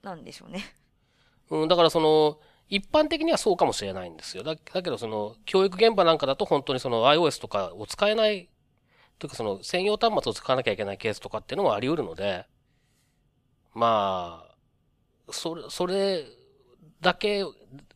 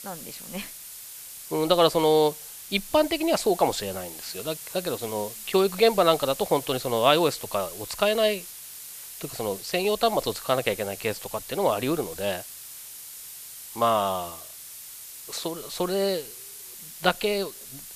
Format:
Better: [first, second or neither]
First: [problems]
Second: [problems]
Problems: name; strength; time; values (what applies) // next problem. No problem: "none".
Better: first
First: none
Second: hiss; noticeable; throughout; 15 dB below the speech